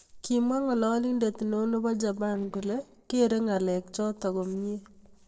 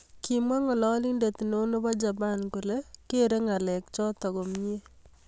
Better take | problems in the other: second | noise reduction (neural separator model SepFormer DNS4)

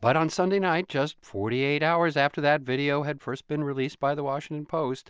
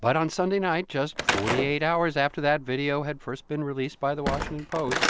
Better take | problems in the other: first | background sound (Slam / Wood); 6 dB below the speech

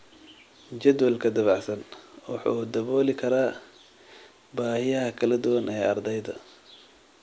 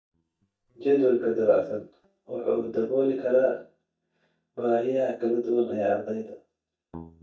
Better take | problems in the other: first | noise reduction (neural mask model DeepFilterNet 3)

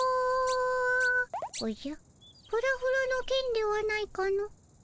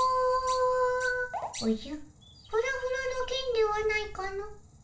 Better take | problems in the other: first | room echo; dies away in 0.4 s

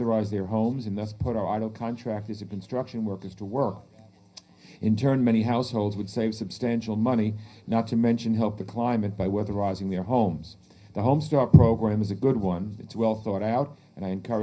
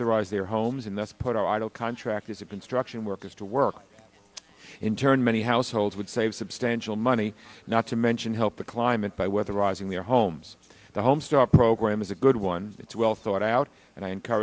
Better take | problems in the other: second | room echo; dies away in 0.4 s

